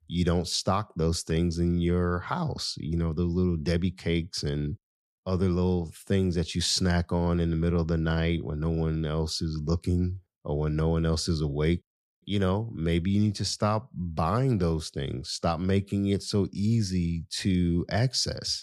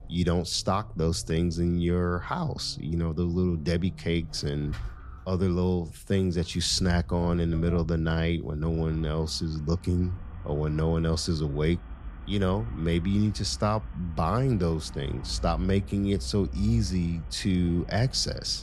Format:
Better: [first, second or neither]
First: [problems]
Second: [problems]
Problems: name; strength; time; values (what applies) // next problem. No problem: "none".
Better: first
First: none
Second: traffic noise; noticeable; throughout; 15 dB below the speech